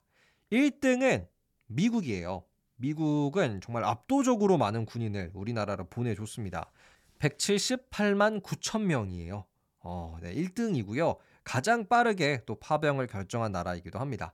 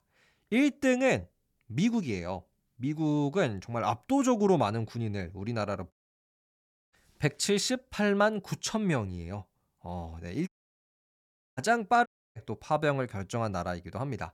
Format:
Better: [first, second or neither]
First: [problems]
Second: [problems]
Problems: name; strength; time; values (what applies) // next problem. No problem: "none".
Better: first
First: none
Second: audio cutting out; at 6 s for 1 s, at 10 s for 1 s and at 12 s